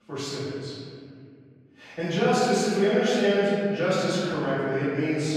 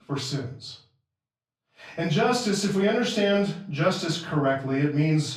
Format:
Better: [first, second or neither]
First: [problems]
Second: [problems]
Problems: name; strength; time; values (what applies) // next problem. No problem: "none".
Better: second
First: room echo; strong; dies away in 2.4 s // off-mic speech; far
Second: room echo; slight; dies away in 0.4 s // off-mic speech; far